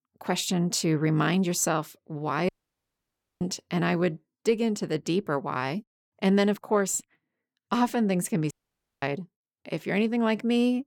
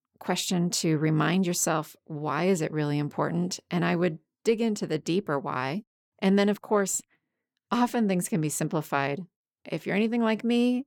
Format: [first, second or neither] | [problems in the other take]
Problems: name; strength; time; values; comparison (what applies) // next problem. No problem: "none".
second | audio cutting out; at 2.5 s for 1 s and at 8.5 s for 0.5 s